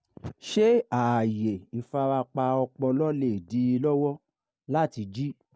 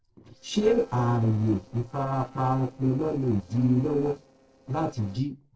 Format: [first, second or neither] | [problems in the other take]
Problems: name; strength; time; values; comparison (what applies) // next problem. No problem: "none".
first | noise reduction (neural separator model SepFormer DNS4)